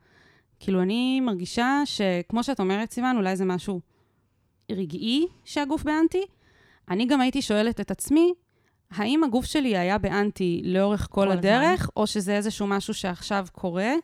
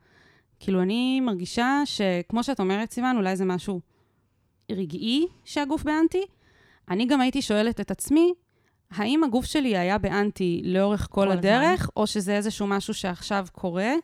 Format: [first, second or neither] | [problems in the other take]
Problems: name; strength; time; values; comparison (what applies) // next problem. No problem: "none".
neither | none